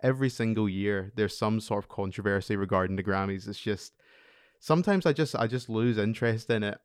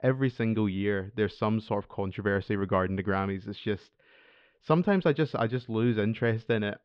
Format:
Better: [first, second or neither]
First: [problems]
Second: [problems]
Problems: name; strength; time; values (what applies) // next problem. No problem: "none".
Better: first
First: none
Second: muffled; slightly; fading above 3.5 kHz